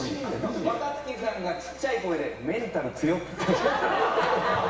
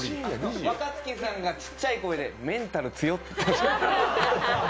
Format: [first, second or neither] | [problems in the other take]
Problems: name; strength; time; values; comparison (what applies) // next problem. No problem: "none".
second | room echo; dies away in 1.3 s